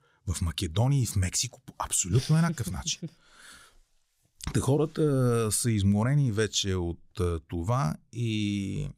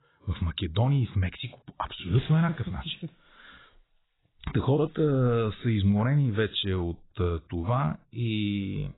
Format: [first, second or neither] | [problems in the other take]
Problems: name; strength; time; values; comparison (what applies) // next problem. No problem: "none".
first | garbled, watery; badly; nothing above 4 kHz